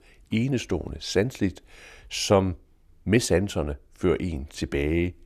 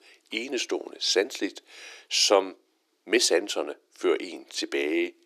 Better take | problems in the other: first | thin; somewhat; fading below 300 Hz

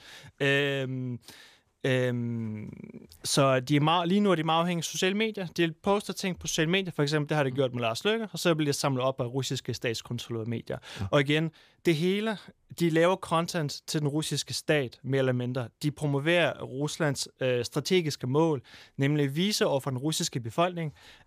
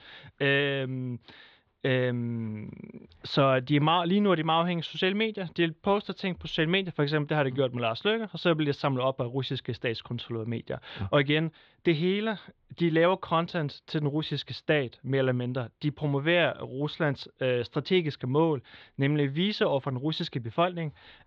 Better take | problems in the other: first | muffled; slightly; fading above 4 kHz

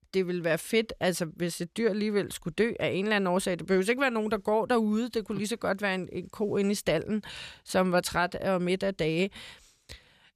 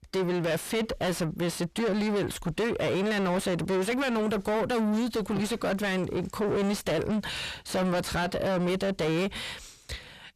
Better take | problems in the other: first | distortion; heavy; 5 dB below the speech

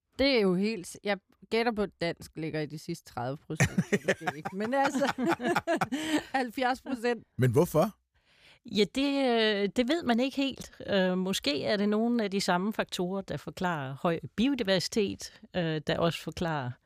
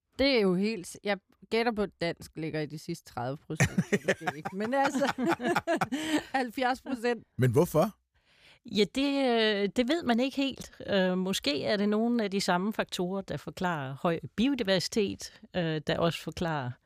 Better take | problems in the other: neither | none

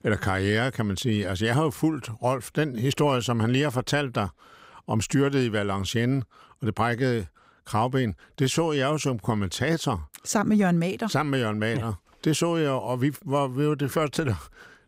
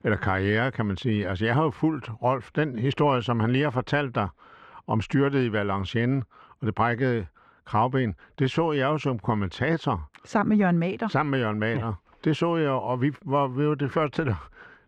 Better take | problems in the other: first | muffled; very; fading above 2.5 kHz

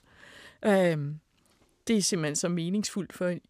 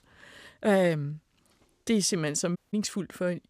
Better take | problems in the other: first | audio cutting out; at 2.5 s

